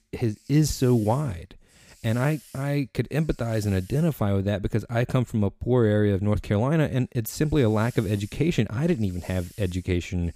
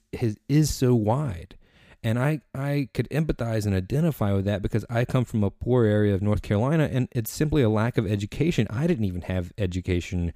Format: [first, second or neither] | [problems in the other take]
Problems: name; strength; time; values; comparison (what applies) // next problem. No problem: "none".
second | hiss; faint; until 4.5 s and from 7 s on; 25 dB below the speech